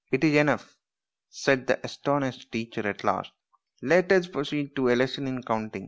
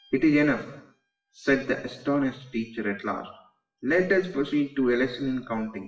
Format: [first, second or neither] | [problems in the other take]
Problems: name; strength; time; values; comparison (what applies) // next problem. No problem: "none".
first | noise reduction (classical method WPE with log-MMSE)